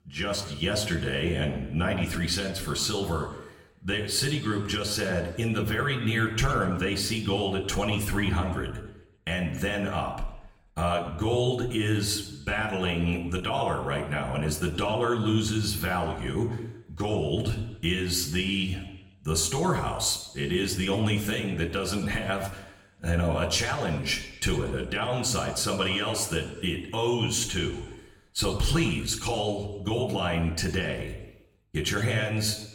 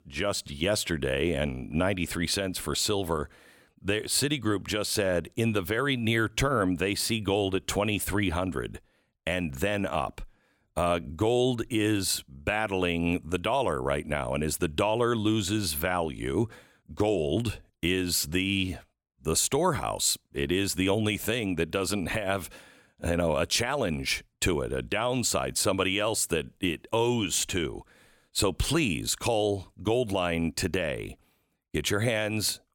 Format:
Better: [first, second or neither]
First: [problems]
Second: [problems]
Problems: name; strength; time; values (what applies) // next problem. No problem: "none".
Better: second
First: room echo; slight; dies away in 0.8 s // off-mic speech; somewhat distant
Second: none